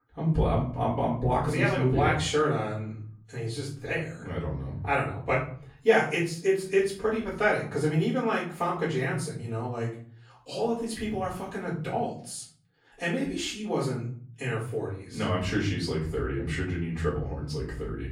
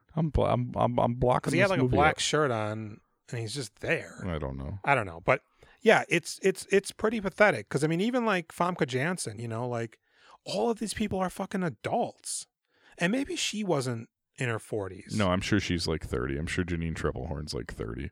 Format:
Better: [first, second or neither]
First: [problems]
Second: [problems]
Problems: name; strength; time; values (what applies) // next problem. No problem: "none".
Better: second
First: off-mic speech; far // room echo; slight; dies away in 0.6 s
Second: none